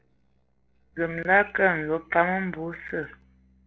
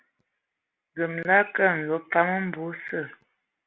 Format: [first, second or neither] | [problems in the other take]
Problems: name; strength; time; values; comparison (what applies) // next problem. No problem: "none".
second | noise reduction (neural separator model SepFormer DNS4)